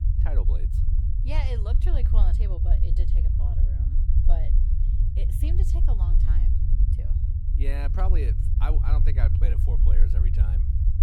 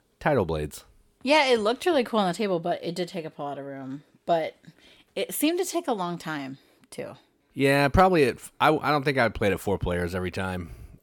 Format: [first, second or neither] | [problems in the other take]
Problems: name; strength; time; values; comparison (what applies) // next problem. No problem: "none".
second | low rumble; loud; throughout; 2 dB below the speech